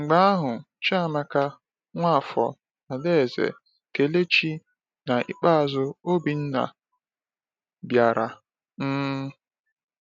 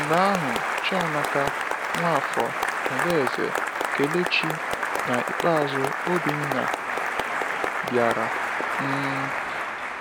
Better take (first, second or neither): first